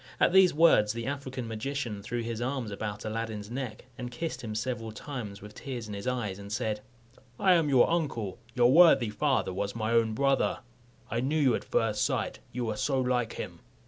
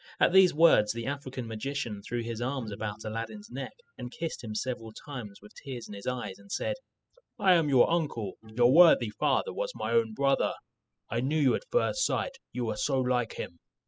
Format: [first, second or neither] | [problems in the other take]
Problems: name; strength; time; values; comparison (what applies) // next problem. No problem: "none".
first | noise reduction (classical method spectral subtraction)